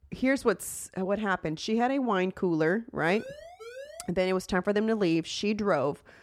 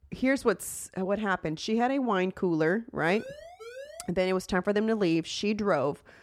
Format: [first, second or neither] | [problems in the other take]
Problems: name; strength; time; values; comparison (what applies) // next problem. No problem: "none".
neither | siren; faint; at 3 s; peak 15 dB below the speech; the same in both